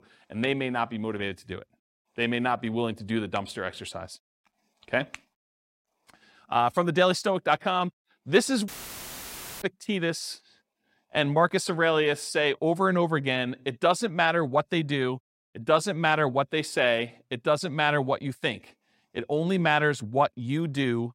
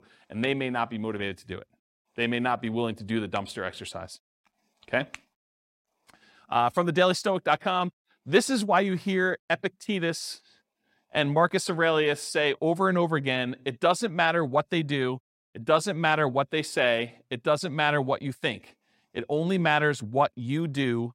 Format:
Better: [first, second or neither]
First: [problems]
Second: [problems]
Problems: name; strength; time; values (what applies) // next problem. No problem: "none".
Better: second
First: audio cutting out; filled with static; at 8.5 s for 1 s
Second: none